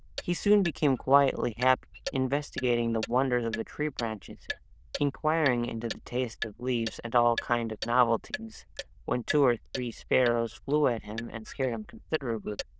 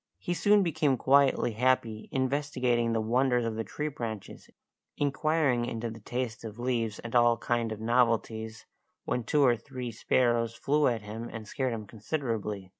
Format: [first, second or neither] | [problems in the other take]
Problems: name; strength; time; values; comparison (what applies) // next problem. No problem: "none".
second | noise reduction (neural diffusion model UNIVERSE++)